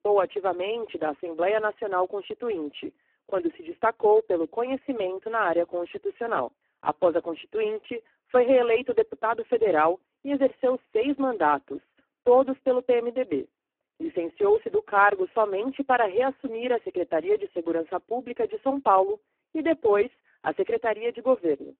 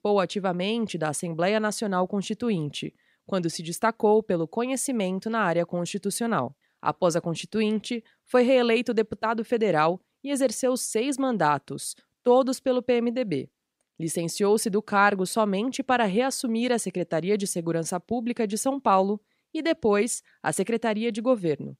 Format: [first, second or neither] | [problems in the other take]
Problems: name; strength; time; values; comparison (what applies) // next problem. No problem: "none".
second | phone-call audio; poor line